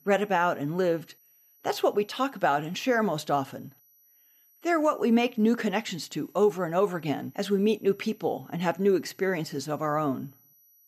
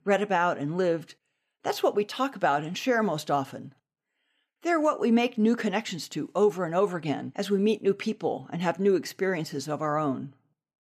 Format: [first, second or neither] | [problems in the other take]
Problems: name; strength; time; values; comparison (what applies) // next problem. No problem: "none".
second | high-pitched whine; faint; throughout; 12 kHz, 30 dB below the speech